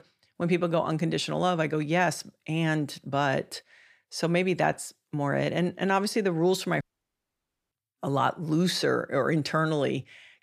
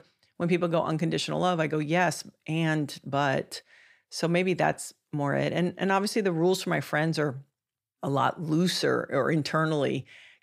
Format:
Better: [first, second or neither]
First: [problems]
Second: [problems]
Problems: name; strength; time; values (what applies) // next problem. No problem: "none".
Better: second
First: audio cutting out; at 7 s for 1 s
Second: none